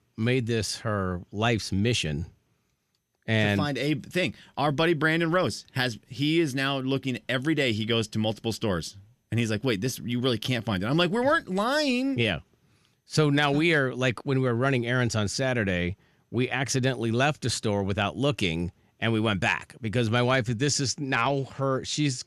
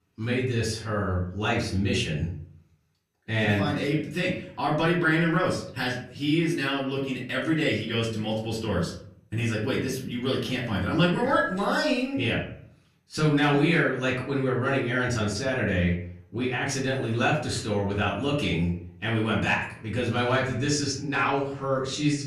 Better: first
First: none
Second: off-mic speech; far // room echo; slight; dies away in 0.5 s

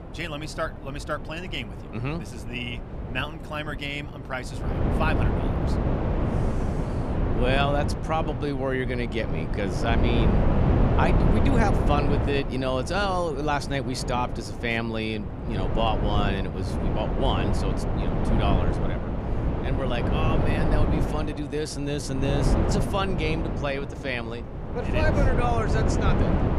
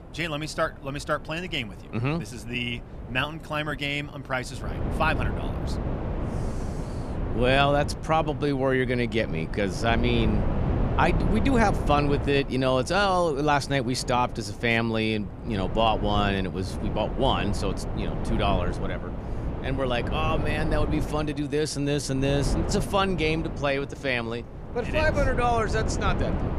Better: second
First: wind noise on the microphone; heavy; 3 dB below the speech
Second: wind noise on the microphone; occasional gusts; 10 dB below the speech

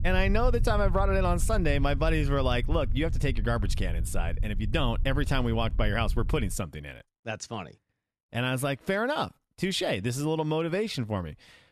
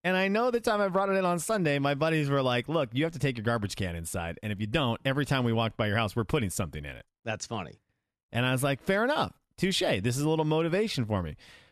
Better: second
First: low rumble; noticeable; until 6.5 s; 20 dB below the speech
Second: none

